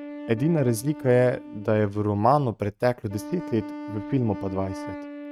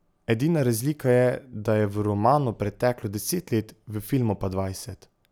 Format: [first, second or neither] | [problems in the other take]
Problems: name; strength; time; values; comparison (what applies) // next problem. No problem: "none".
second | noise reduction (neural mask model RNNoise)